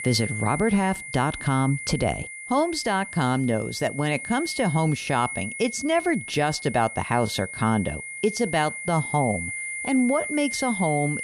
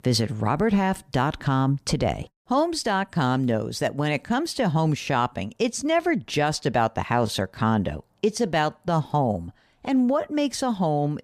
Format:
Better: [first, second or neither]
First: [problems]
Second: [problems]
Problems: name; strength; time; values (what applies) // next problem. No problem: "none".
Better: second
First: high-pitched whine; loud; throughout; 2 kHz, 8 dB below the speech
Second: none